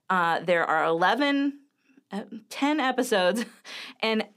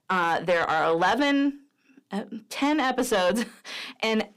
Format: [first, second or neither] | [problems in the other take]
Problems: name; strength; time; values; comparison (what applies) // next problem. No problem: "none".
first | distortion; slight; 10 dB below the speech